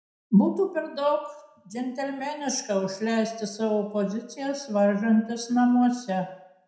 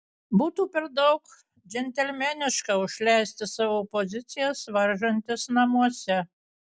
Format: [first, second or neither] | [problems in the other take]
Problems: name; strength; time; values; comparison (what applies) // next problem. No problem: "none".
second | room echo; dies away in 0.6 s